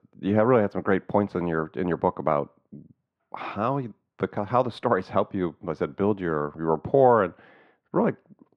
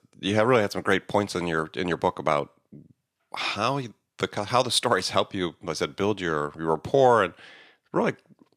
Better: second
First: muffled; very; fading above 3.5 kHz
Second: none

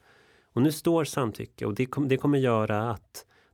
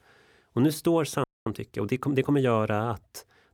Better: first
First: none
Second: audio freezing; at 1 s

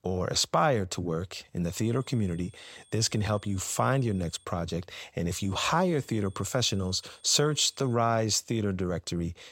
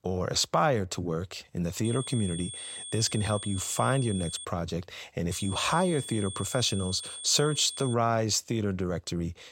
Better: first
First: high-pitched whine; faint; from 2 to 4.5 s and from 5.5 to 8 s; 3.5 kHz, 30 dB below the speech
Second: high-pitched whine; loud; from 2 to 4.5 s and from 5.5 to 8 s; 3.5 kHz, 10 dB below the speech

